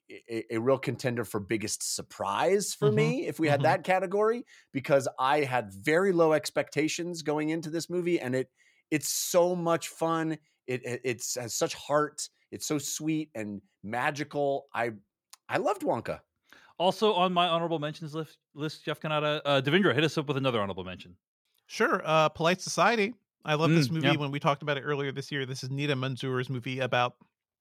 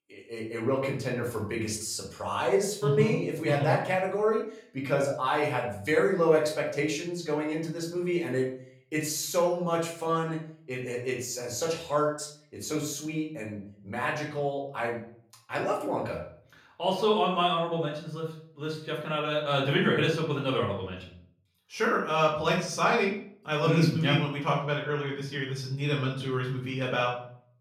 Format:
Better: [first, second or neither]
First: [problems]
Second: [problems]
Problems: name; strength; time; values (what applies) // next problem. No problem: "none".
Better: first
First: none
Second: off-mic speech; far // room echo; slight; dies away in 0.4 s